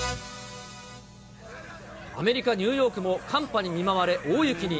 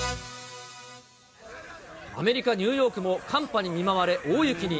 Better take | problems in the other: second | background sound (Engine + Wind instrument, woodwind instrument); 20 dB below the speech

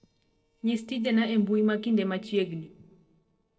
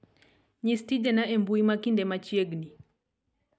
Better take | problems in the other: second | noise reduction (neural separator model SepFormer DNS4)

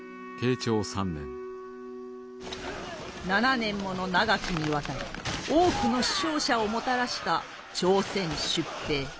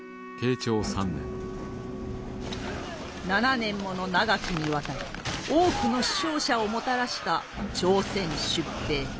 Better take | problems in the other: first | background sound (Engine); 11 dB below the speech

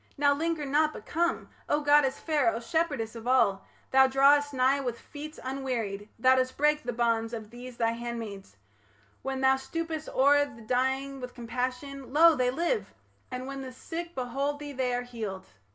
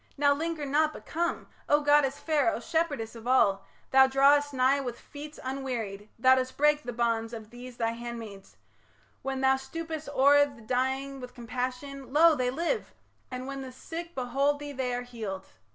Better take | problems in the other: second | room echo; dies away in 0.3 s

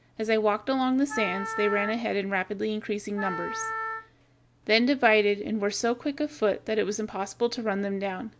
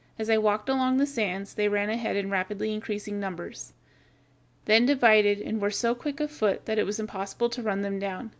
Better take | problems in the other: second | background sound (Wind instrument, woodwind instrument); 8 dB below the speech

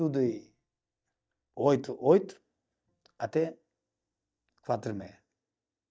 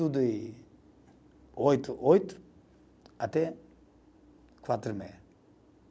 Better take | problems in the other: second | noise reduction (neural mask model DeepFilterNet 3)

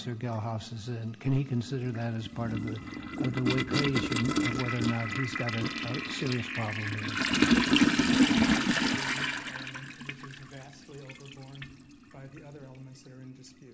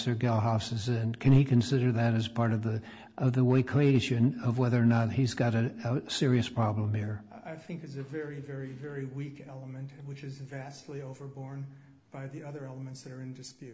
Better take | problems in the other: second | background sound (Toilet flush); 4 dB above the speech

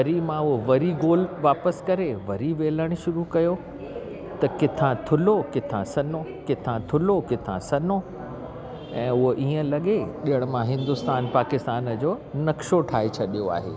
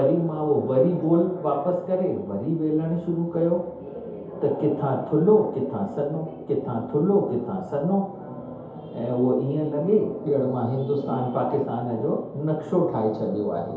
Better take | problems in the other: first | room echo; dies away in 0.8 s

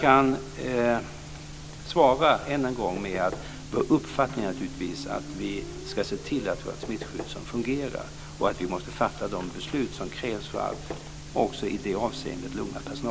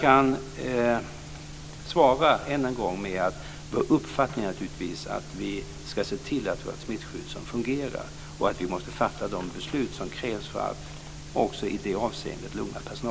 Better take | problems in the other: second | background sound (Knock / Wood + Squeak); 16 dB below the speech

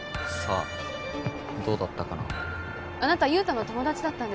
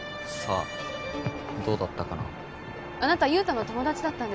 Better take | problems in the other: second | background sound (Thump, thud); 11 dB below the speech

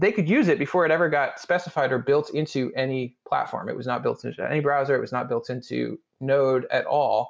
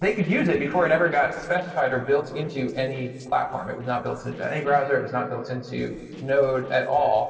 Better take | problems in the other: first | noise reduction (neural separator model SepFormer DNS4)

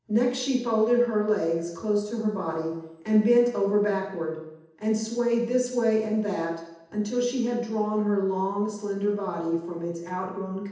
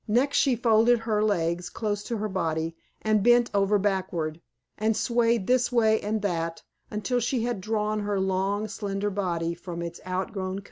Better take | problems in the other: second | room echo; dies away in 0.8 s

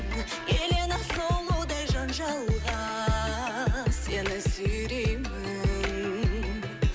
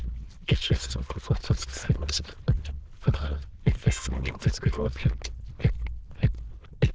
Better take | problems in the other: first | noise reduction (neural diffusion model UNIVERSE++)

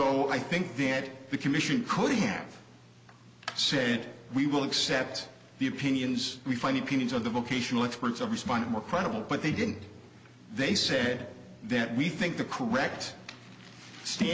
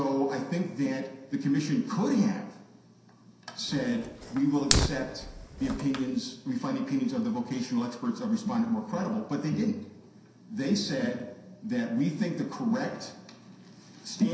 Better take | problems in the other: first | background sound (Fire); 2 dB below the speech // room echo; dies away in 0.7 s

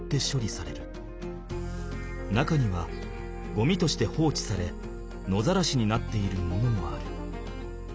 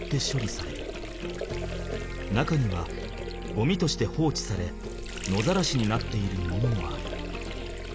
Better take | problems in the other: first | background sound (Sink (filling or washing) / Water); 11 dB below the speech

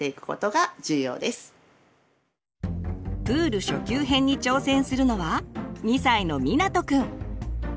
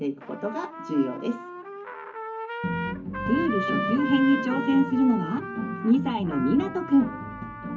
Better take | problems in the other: first | background sound (Trumpet); 9 dB below the speech // room echo; dies away in 0.4 s

